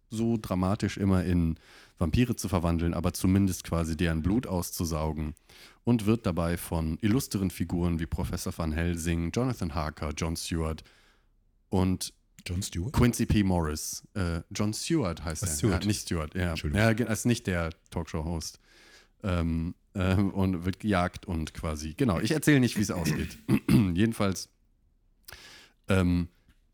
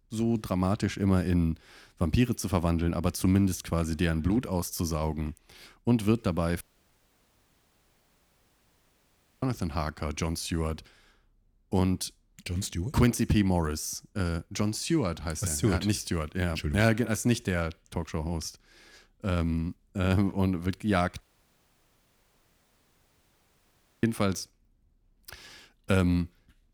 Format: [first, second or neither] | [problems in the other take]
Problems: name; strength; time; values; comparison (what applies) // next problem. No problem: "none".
first | audio cutting out; at 6.5 s for 3 s and at 21 s for 3 s